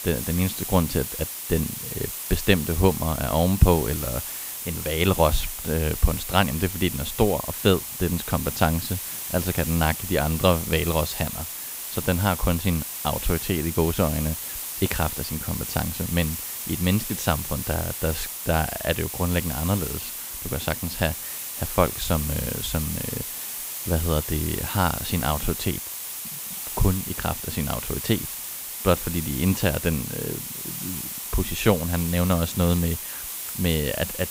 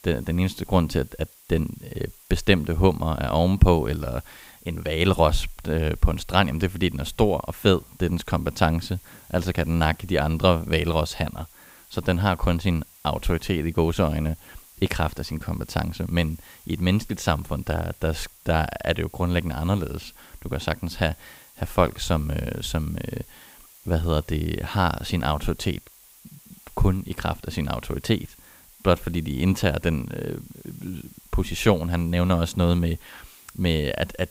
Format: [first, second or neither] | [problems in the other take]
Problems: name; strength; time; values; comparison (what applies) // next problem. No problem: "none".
second | hiss; loud; throughout; 5 dB below the speech; faint in the second